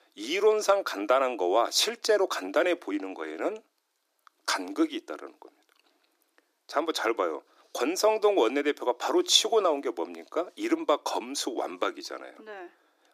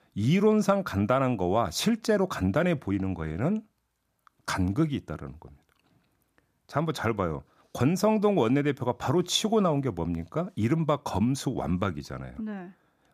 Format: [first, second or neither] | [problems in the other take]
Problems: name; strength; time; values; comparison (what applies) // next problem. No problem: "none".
second | thin; very; fading below 300 Hz